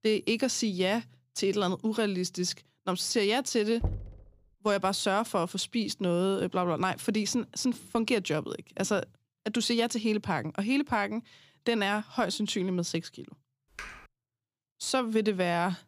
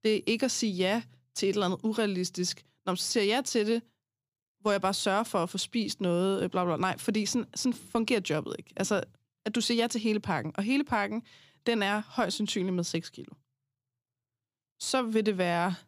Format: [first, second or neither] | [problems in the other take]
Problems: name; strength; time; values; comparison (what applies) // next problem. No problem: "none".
second | door banging; noticeable; at 4 s; peak 6 dB below the speech // keyboard typing; faint; at 14 s; peak 15 dB below the speech